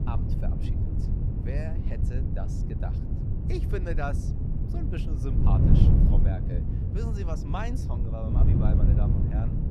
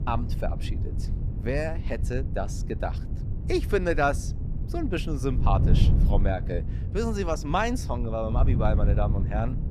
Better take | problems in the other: second | wind noise on the microphone; heavy; 1 dB above the speech; occasional gusts in the second

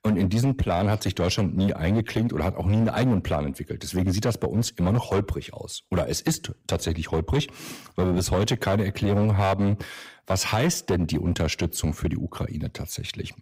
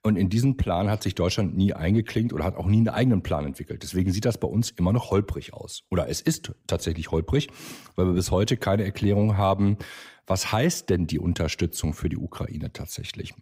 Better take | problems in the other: second | distortion; slight; 8% of the sound clipped

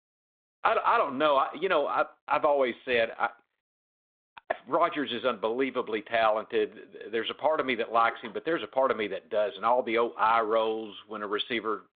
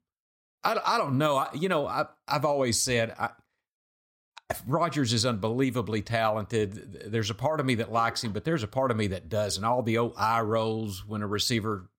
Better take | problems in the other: second | phone-call audio

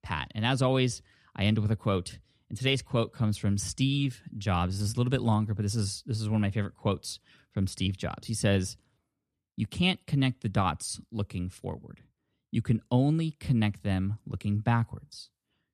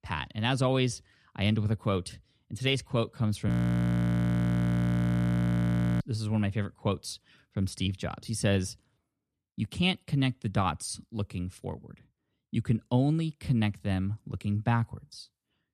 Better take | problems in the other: first | audio freezing; at 3.5 s for 2.5 s

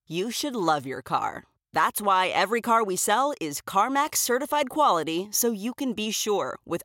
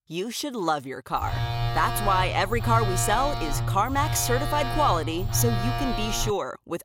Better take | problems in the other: first | phone ringing; loud; from 1 to 6.5 s; peak 1 dB above the speech

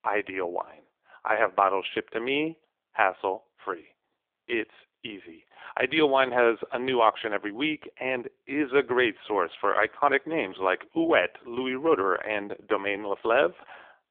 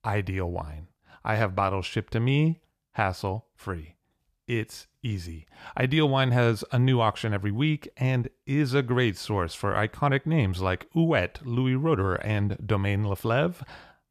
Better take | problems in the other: second | phone-call audio; poor line; nothing above 3.5 kHz

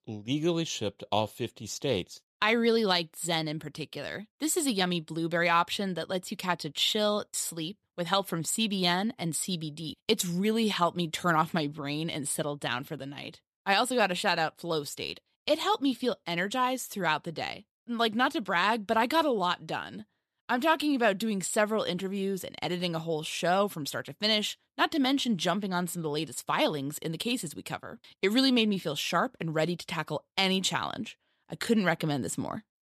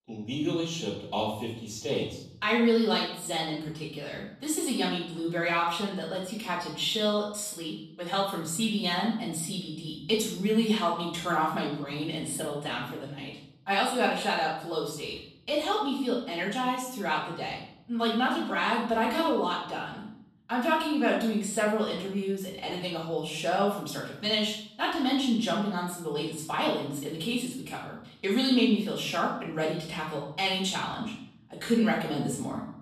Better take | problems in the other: first | off-mic speech; far // room echo; noticeable; dies away in 0.6 s

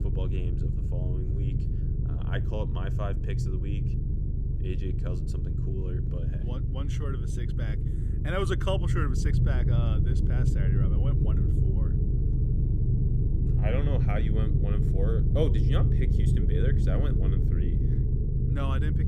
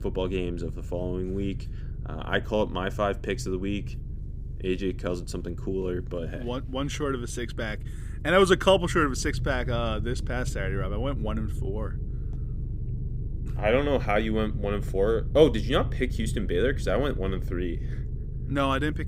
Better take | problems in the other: second | low rumble; loud; throughout; 2 dB below the speech; faint in the second

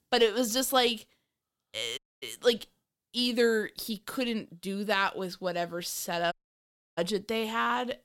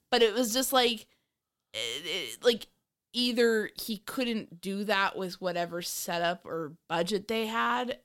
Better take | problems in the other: second | audio cutting out; at 2 s and at 6.5 s for 0.5 s

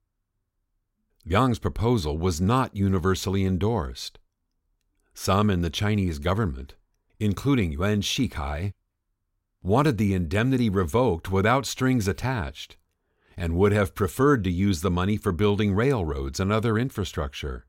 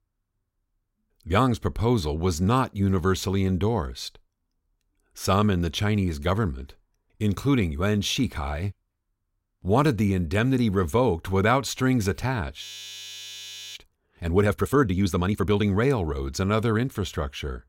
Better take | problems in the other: first | audio freezing; at 13 s for 1 s

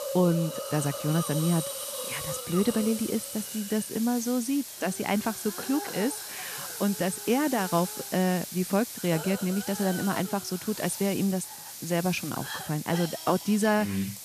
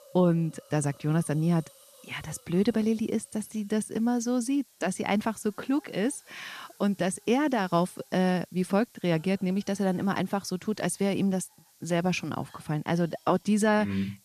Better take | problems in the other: second | hiss; loud; throughout; 7 dB below the speech; faint in the second

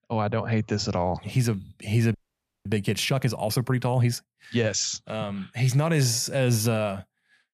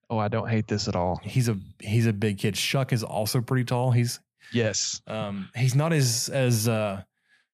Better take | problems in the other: second | audio freezing; at 2 s for 0.5 s

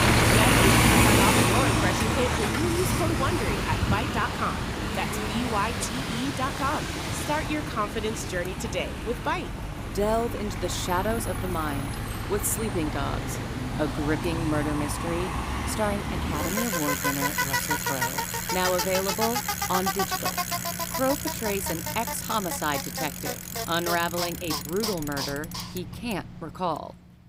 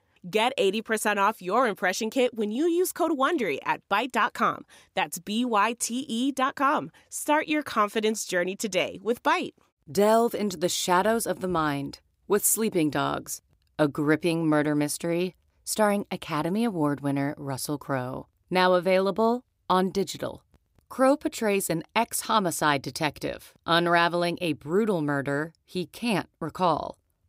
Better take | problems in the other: second | traffic noise; very loud; throughout; 3 dB above the speech

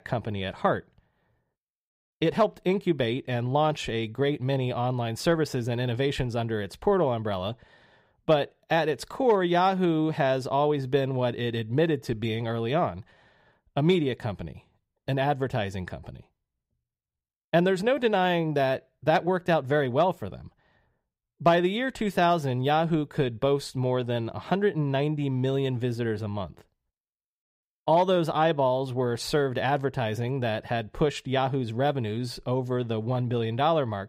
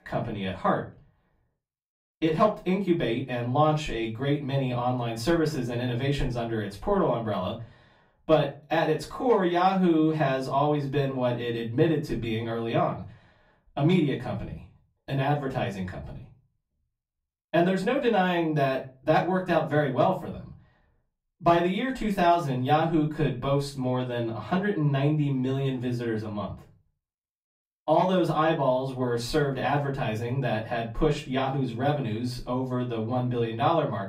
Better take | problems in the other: first | off-mic speech; far // room echo; very slight; dies away in 0.3 s

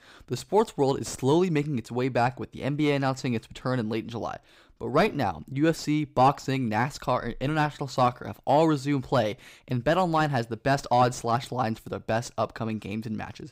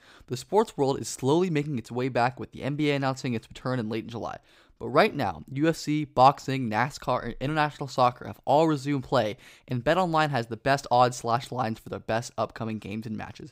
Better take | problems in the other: second | distortion; slight; 10 dB below the speech

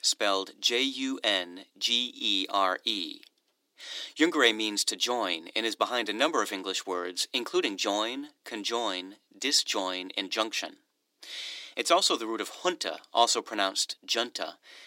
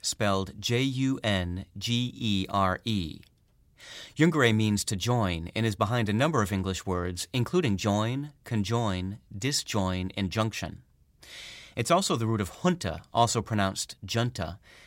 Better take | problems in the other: second | thin; somewhat; fading below 300 Hz

